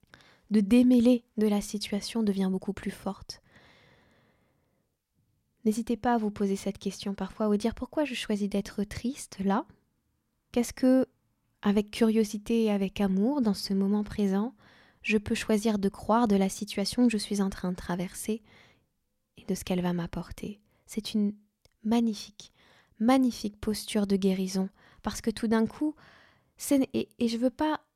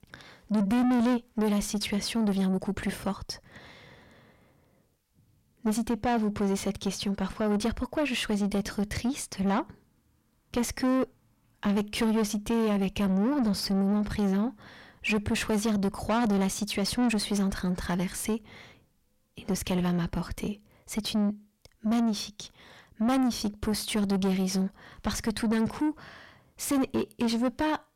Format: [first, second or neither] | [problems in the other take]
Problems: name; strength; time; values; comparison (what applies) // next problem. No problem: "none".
first | distortion; heavy; 6 dB below the speech